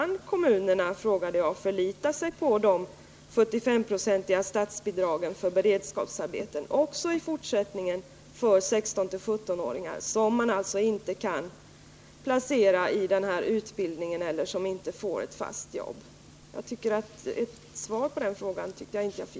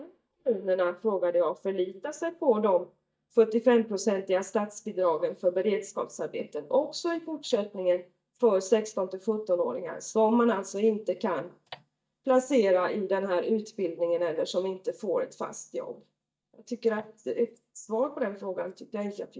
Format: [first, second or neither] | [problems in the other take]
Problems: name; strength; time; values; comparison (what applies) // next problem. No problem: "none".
first | noise reduction (neural mask model DeepFilterNet 3)